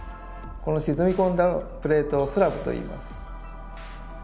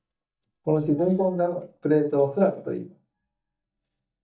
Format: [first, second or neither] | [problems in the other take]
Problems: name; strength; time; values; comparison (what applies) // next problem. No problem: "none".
first | noise reduction (neural mask model DeepFilterNet 3)